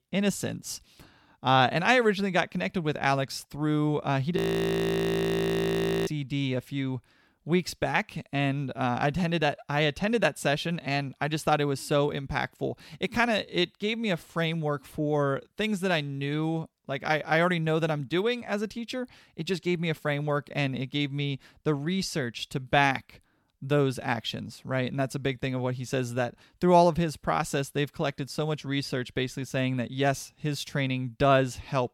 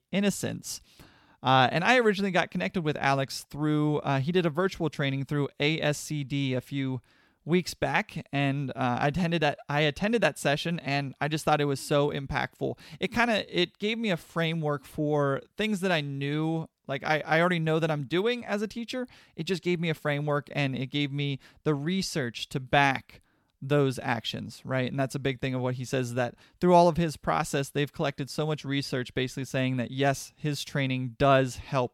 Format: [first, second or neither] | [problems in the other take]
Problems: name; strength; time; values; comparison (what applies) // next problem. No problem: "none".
second | audio freezing; at 4.5 s for 1.5 s